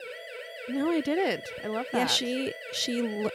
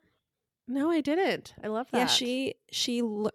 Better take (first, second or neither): second